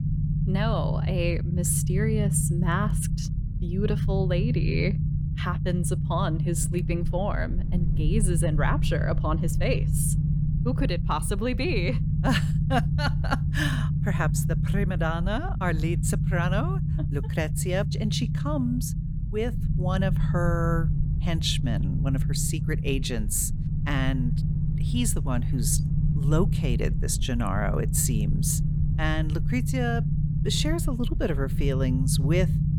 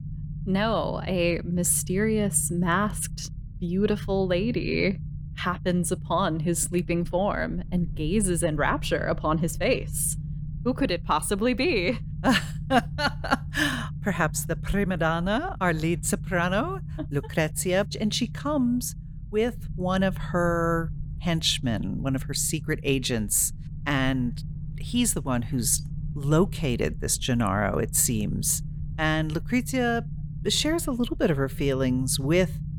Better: second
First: low rumble; loud; throughout; 7 dB below the speech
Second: low rumble; faint; throughout; 20 dB below the speech

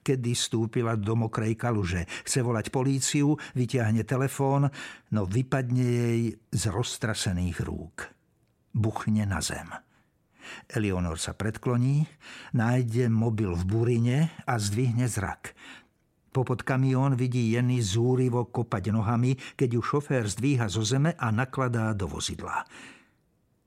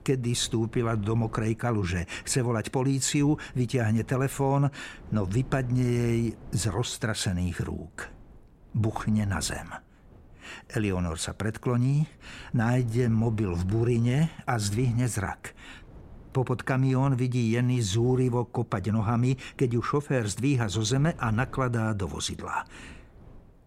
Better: first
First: none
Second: wind noise on the microphone; occasional gusts; 25 dB below the speech

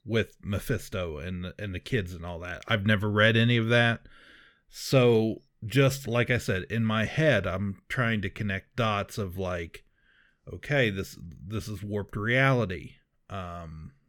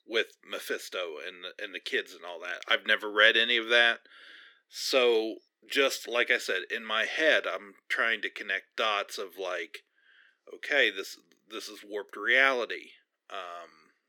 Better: first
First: none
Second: thin; very; fading below 300 Hz

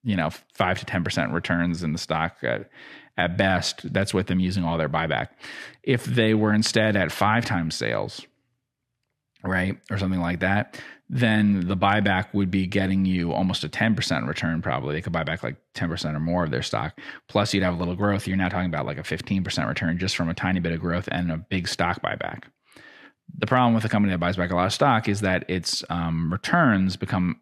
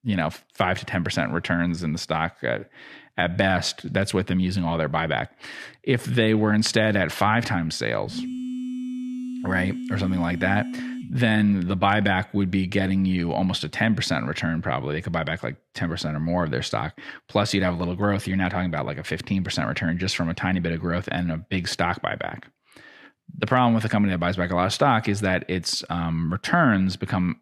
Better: first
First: none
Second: phone ringing; noticeable; from 8 to 11 s; peak 6 dB below the speech

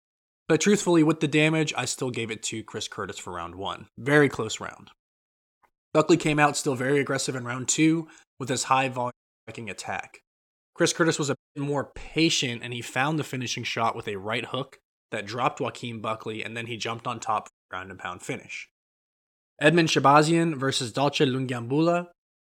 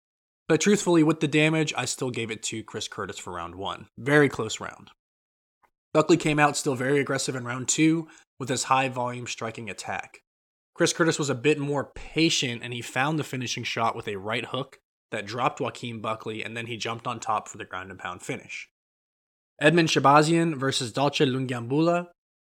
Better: second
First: audio cutting out; at 9 s, at 11 s and at 18 s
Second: none

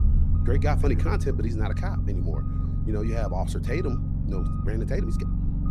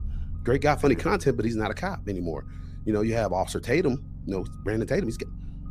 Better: second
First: low rumble; loud; throughout; 6 dB below the speech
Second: low rumble; faint; throughout; 25 dB below the speech

